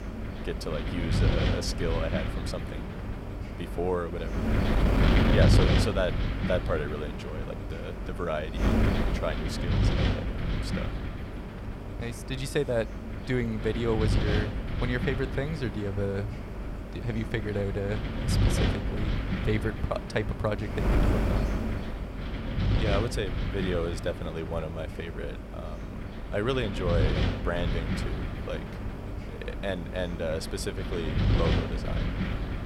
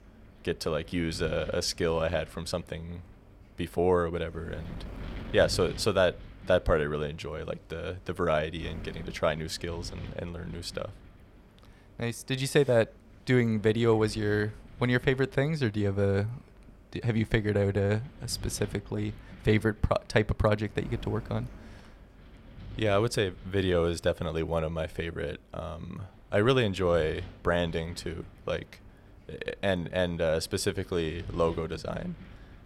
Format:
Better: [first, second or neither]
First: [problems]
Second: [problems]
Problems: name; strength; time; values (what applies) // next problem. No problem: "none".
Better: second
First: wind noise on the microphone; heavy; 2 dB below the speech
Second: wind noise on the microphone; occasional gusts; 25 dB below the speech